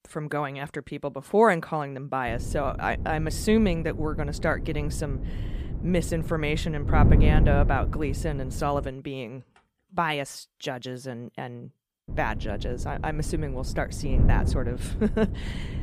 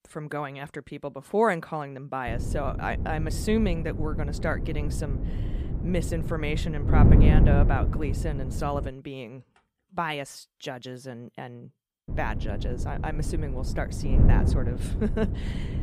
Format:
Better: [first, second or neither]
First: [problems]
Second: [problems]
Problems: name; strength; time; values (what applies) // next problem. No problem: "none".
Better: first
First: wind noise on the microphone; occasional gusts; from 2.5 to 9 s and from 12 s on; 10 dB below the speech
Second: wind noise on the microphone; heavy; from 2.5 to 9 s and from 12 s on; 6 dB below the speech